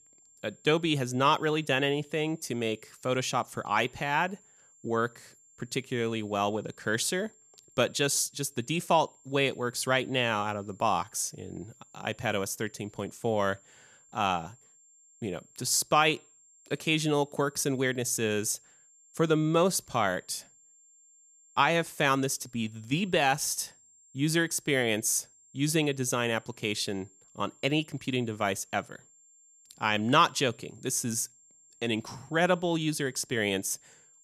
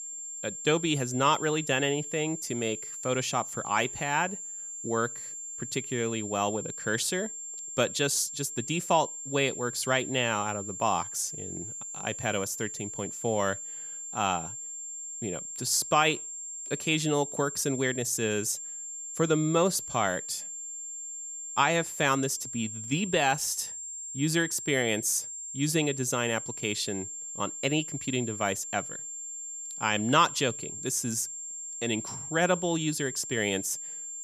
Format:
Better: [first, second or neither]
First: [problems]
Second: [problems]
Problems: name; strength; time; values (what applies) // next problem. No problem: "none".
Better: first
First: high-pitched whine; faint; throughout; 7.5 kHz, 30 dB below the speech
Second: high-pitched whine; loud; throughout; 7.5 kHz, 7 dB below the speech